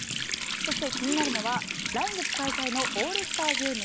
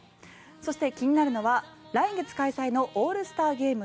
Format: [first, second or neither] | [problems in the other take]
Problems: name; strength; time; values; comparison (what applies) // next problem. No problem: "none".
second | background sound (Water tap, faucet); 2 dB above the speech